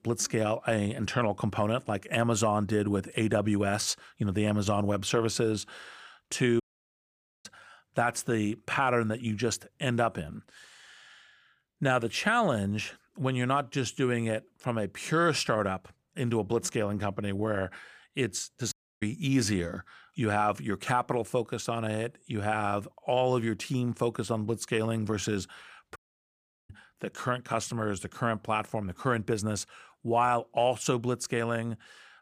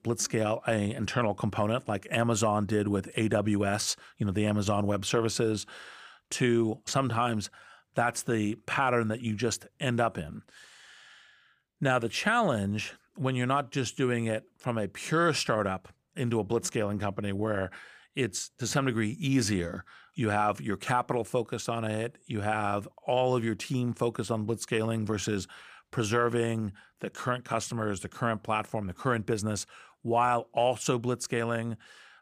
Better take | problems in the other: second | audio cutting out; at 6.5 s for 1 s, at 19 s and at 26 s for 0.5 s

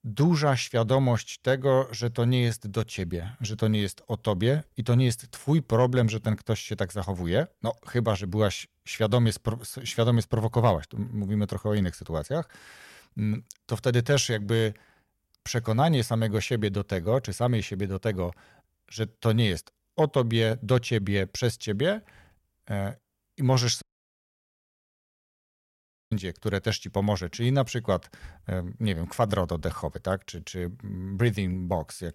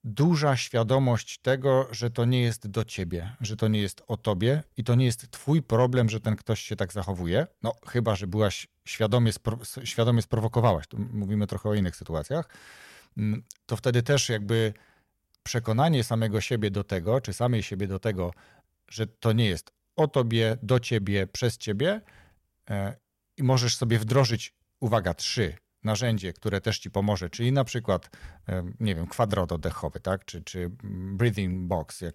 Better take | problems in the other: second | audio cutting out; at 24 s for 2.5 s

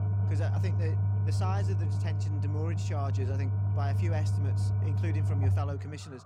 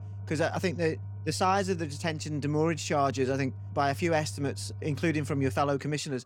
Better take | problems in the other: second | low rumble; loud; throughout; 1 dB below the speech; faint in the second

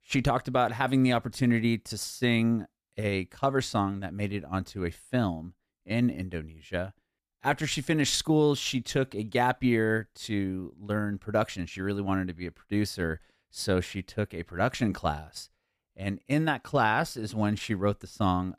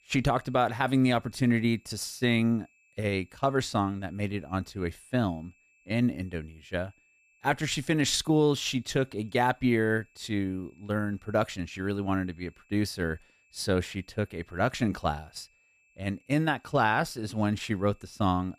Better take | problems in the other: first | high-pitched whine; faint; throughout; 2.5 kHz, 35 dB below the speech

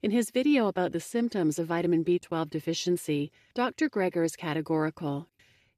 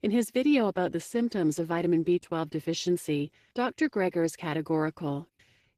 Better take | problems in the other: first | garbled, watery; slightly; nothing above 14.5 kHz

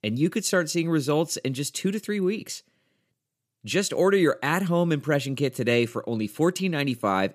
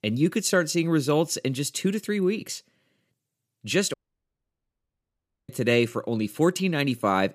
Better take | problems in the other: first | audio cutting out; at 4 s for 1.5 s

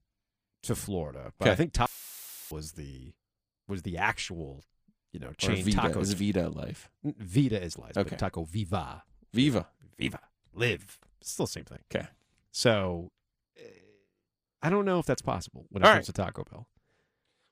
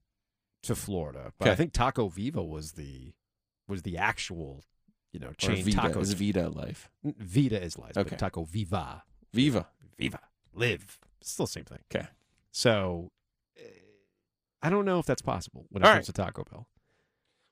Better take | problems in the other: second | audio cutting out; filled with static; at 2 s for 0.5 s

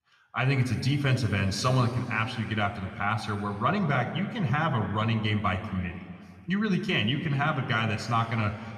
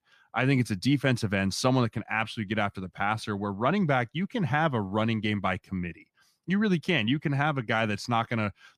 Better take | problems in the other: second | room echo; noticeable; dies away in 2.1 s

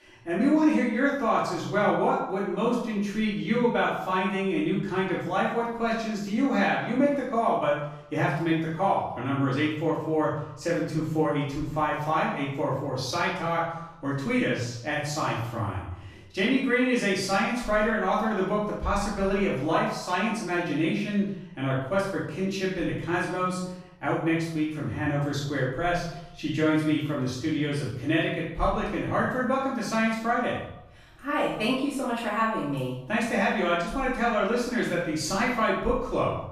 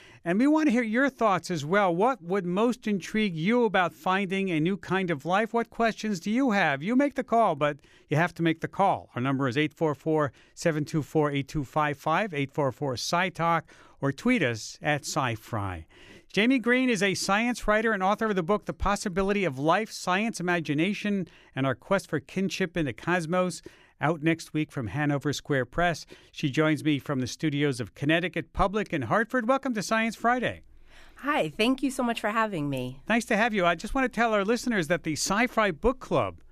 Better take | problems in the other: second | off-mic speech; far // room echo; noticeable; dies away in 0.7 s

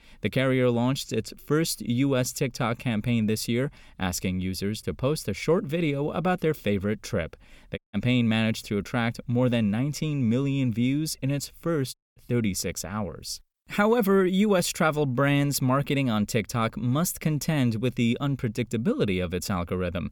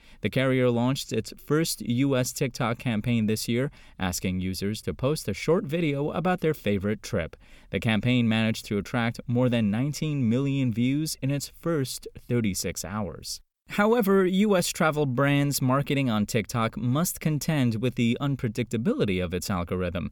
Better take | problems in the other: second | audio cutting out; at 8 s and at 12 s

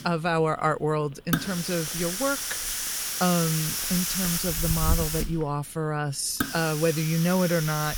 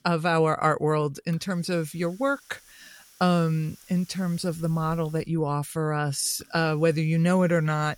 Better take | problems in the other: second | hiss; loud; throughout; 1 dB below the speech; faint in the second

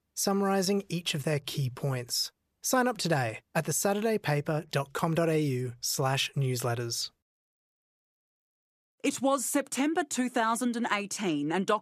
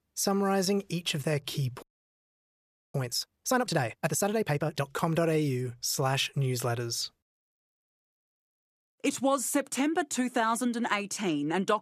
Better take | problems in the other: first | audio freezing; at 2 s for 1 s

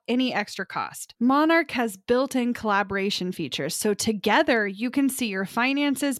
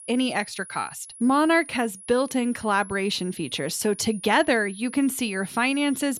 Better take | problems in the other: first | high-pitched whine; noticeable; throughout; 10.5 kHz, 15 dB below the speech

